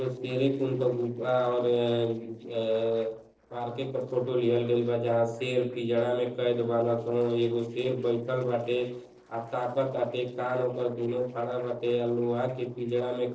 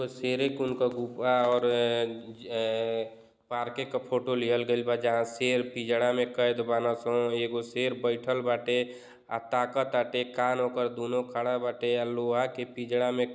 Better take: second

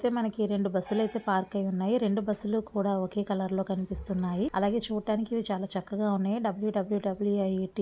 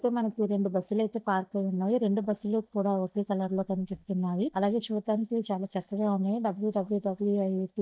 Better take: first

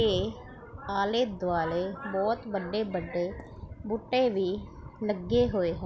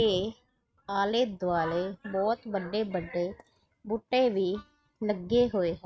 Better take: first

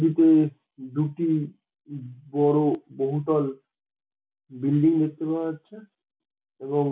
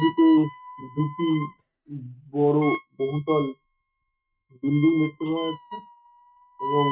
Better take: first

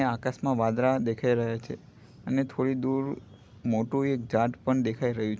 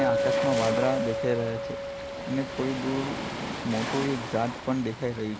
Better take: first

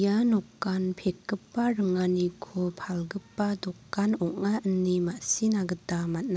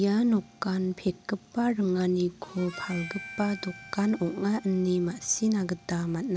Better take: first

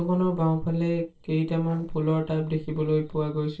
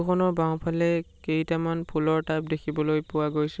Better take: second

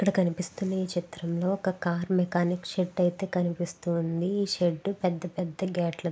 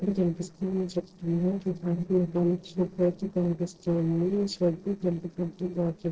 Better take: first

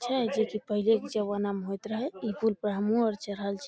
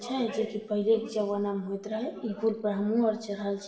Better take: first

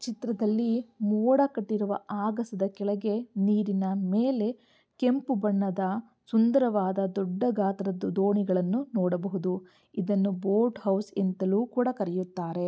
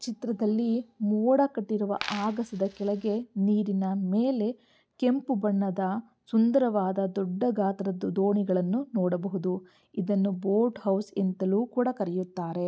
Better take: first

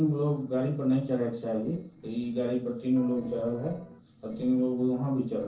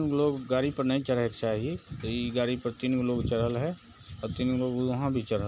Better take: second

